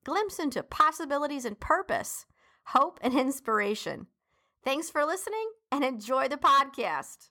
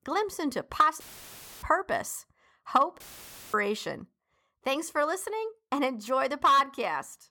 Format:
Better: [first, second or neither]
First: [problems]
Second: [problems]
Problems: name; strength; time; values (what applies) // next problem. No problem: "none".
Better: first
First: none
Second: audio cutting out; filled with static; at 1 s for 0.5 s and at 3 s for 0.5 s